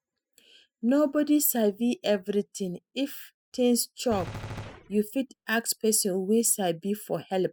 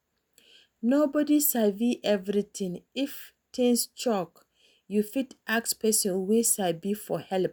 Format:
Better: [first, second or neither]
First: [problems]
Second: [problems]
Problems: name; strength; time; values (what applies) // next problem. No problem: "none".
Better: second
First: noise reduction (classical method spectral subtraction)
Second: none